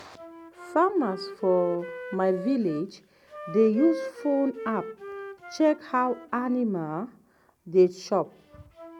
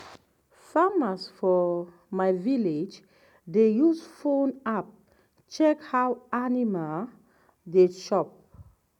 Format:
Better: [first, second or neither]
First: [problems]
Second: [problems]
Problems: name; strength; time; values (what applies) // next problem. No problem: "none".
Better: second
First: background sound (Wind instrument, woodwind instrument); 13 dB below the speech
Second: none